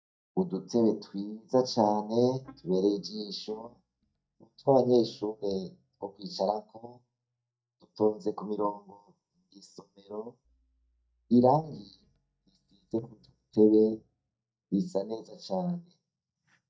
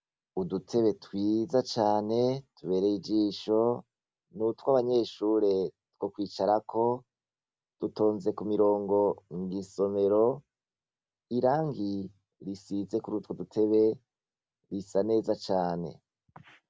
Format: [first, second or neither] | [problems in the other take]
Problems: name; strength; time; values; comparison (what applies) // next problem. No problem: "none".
second | noise reduction (neural mask model DeepFilterNet 3)